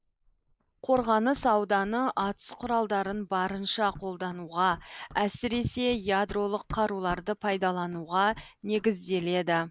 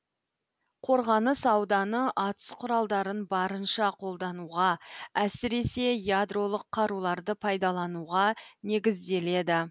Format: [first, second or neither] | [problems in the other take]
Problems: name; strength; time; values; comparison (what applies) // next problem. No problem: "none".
second | noise reduction (neural mask model Resemble Enhance denoiser)